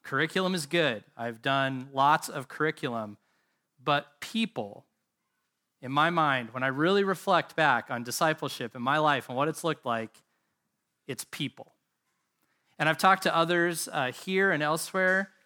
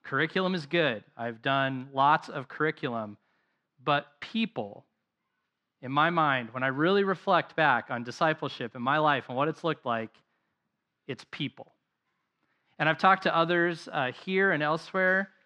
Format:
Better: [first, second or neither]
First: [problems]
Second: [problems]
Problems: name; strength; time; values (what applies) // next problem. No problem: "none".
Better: first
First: none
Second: muffled; slightly; fading above 4 kHz